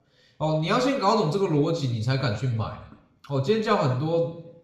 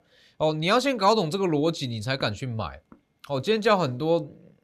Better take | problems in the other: second | room echo; slight; dies away in 0.7 s // off-mic speech; somewhat distant

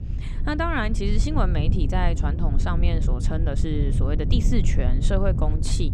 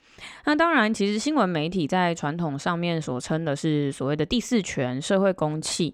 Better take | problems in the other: second | low rumble; loud; throughout; 9 dB below the speech

